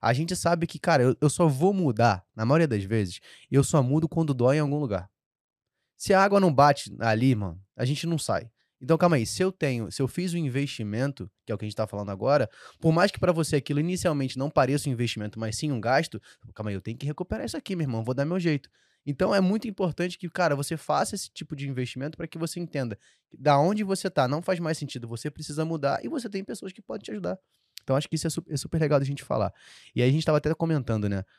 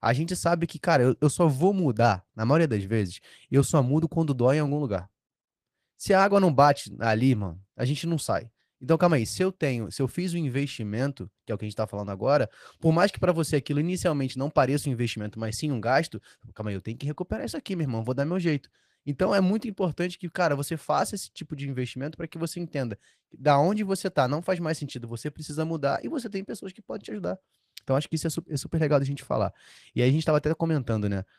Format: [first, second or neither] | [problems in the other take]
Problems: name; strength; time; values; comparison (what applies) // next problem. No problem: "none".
first | garbled, watery; slightly